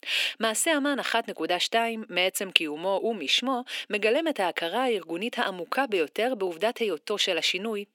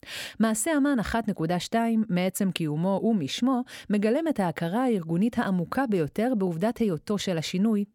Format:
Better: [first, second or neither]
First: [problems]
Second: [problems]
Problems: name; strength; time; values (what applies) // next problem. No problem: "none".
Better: second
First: thin; somewhat; fading below 350 Hz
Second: none